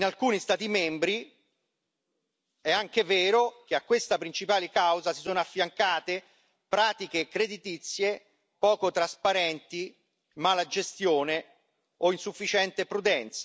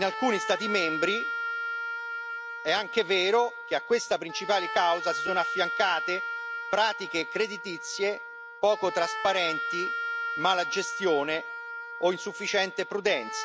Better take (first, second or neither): first